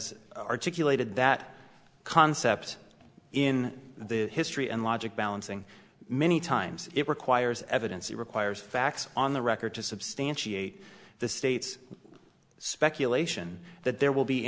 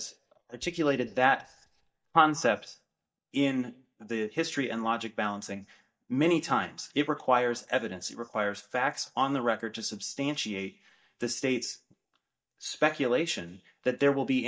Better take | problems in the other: first | noise reduction (neural mask model DeepFilterNet 3)

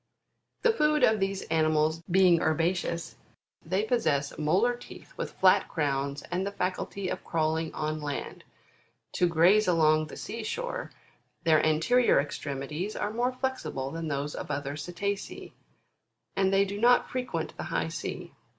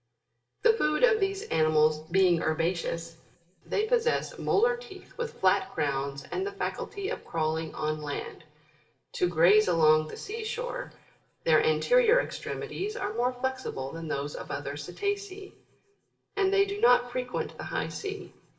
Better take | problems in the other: first | room echo; dies away in 0.8 s

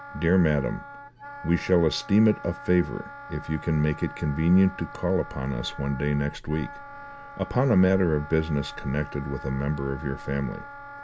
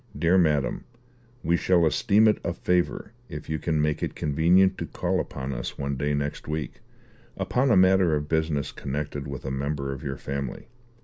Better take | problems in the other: second | background sound (Wind instrument, woodwind instrument); 16 dB below the speech

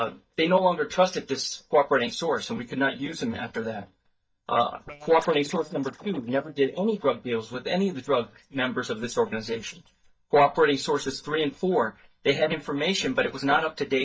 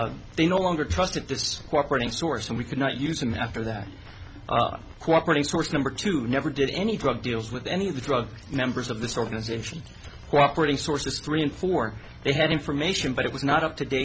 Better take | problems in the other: second | noise reduction (neural mask model DeepFilterNet 3)

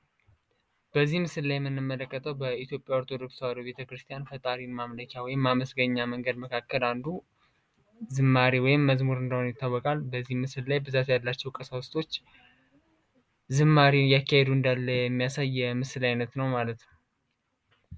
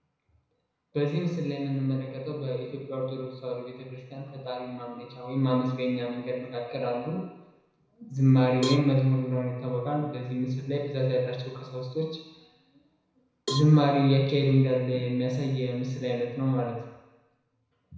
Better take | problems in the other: first | background sound (Cowbell); 13 dB below the speech // room echo; dies away in 1 s

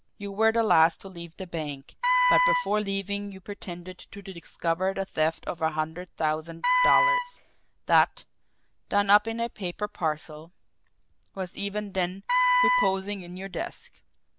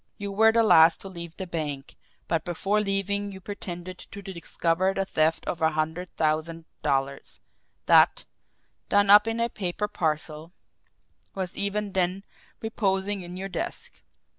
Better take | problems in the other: second | background sound (Wind instrument, woodwind instrument); 3 dB above the speech

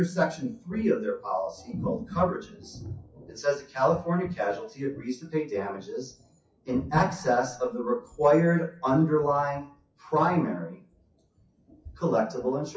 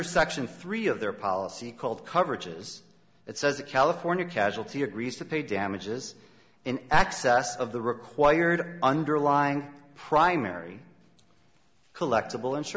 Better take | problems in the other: second | noise reduction (classical method WPE with log-MMSE)

